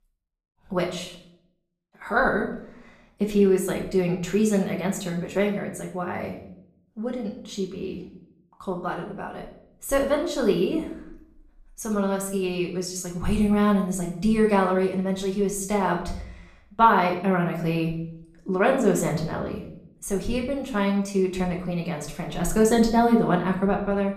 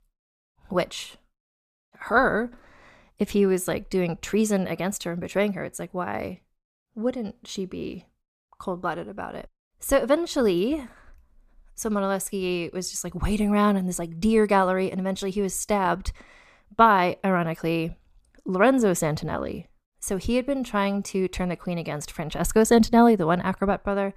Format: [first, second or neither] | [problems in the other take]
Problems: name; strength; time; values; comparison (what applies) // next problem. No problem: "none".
second | room echo; slight; dies away in 0.6 s // off-mic speech; somewhat distant